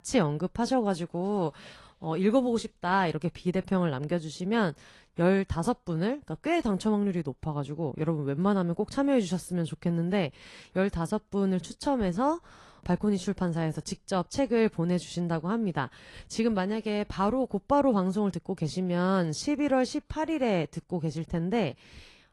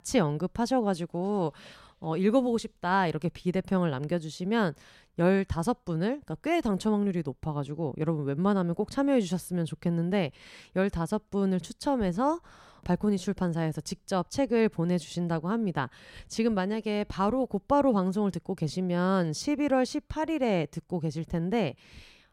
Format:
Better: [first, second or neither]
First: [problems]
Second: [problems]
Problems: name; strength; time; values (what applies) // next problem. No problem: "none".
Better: second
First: garbled, watery; slightly; nothing above 11 kHz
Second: none